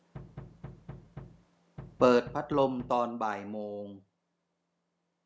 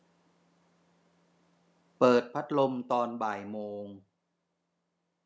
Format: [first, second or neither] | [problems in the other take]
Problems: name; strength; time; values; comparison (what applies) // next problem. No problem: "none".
second | background sound (Knock); 15 dB below the speech